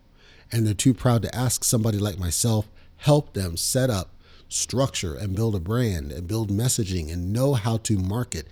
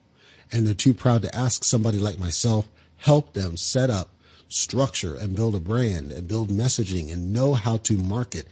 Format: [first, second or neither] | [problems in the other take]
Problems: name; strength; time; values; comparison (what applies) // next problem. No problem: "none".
first | garbled, watery; slightly; nothing above 7.5 kHz